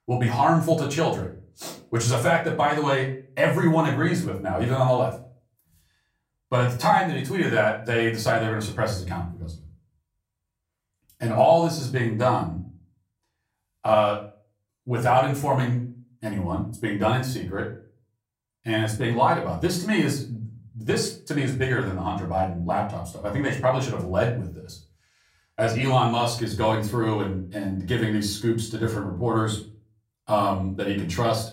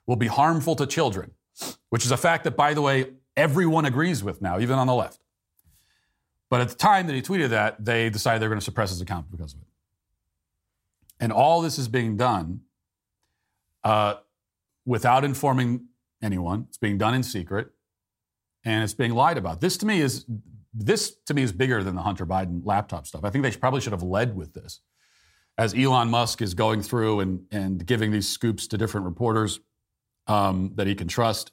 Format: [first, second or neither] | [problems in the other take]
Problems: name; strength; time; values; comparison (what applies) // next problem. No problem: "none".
second | off-mic speech; far // room echo; slight; dies away in 0.4 s